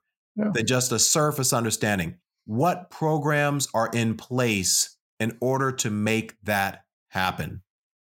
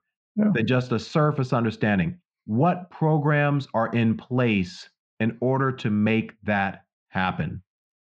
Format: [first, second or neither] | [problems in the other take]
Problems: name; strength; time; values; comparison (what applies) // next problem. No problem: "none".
first | muffled; very; fading above 3 kHz